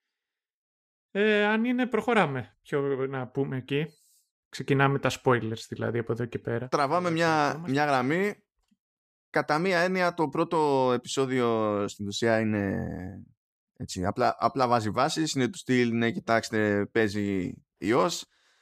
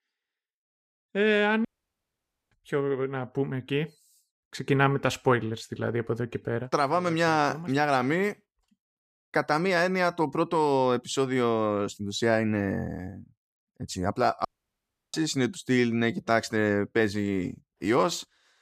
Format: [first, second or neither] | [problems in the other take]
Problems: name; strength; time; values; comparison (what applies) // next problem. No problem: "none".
first | audio cutting out; at 1.5 s for 1 s and at 14 s for 0.5 s